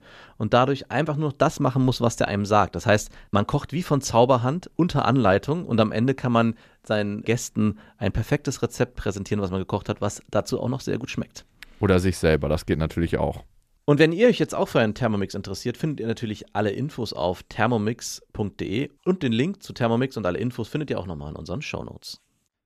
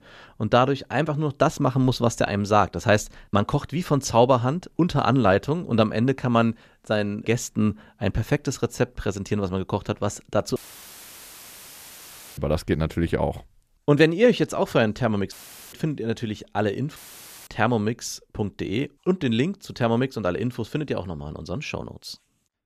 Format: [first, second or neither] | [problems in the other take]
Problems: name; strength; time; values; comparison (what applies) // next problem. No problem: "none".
first | audio cutting out; filled with static; at 11 s for 2 s, at 15 s and at 17 s for 0.5 s